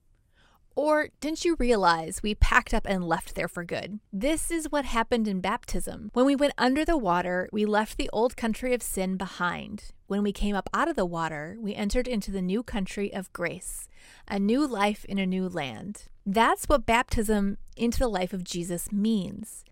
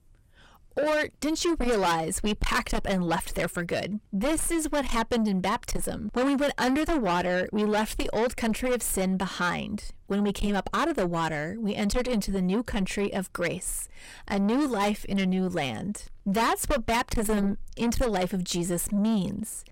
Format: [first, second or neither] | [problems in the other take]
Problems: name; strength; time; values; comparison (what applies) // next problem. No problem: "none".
first | distortion; heavy; 7 dB below the speech